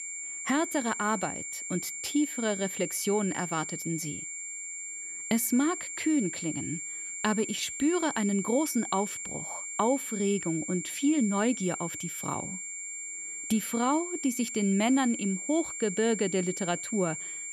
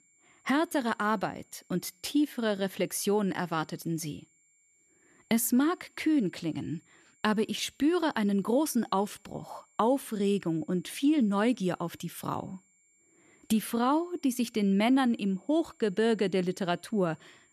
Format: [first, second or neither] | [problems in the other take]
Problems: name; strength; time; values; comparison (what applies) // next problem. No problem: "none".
second | high-pitched whine; loud; throughout; 7.5 kHz, 5 dB below the speech; faint in the second